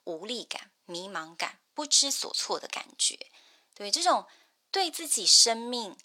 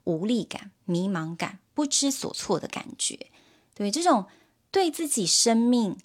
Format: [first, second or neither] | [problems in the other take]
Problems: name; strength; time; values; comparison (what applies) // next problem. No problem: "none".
second | thin; very; fading below 650 Hz